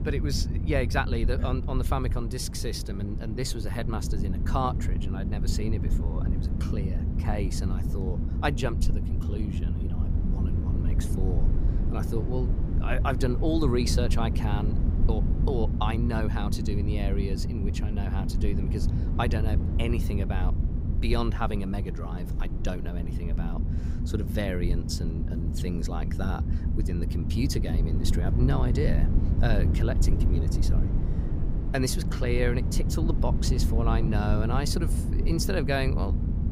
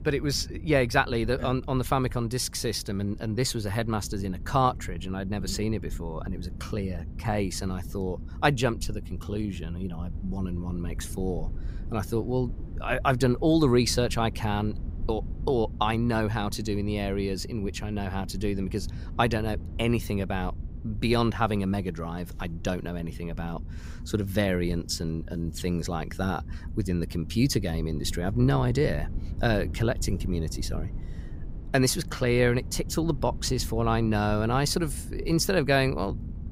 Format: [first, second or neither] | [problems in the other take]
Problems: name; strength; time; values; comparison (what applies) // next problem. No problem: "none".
second | low rumble; loud; throughout; 7 dB below the speech; faint in the second